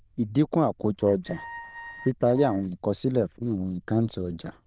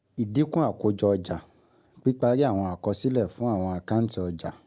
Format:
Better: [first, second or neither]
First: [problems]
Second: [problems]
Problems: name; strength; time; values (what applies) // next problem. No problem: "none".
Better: second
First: noise reduction (neural diffusion model UNIVERSE++)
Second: none